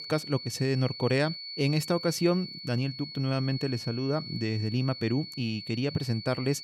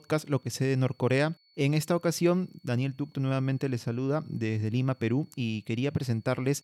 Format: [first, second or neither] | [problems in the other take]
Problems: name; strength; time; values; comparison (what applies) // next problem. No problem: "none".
second | high-pitched whine; loud; throughout; 4.5 kHz, 9 dB below the speech; faint in the second